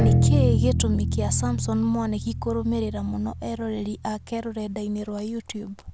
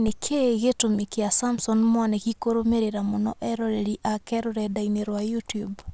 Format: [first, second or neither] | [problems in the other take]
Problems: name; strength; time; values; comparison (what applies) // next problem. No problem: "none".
second | background sound (Bowed string instrument); 2 dB above the speech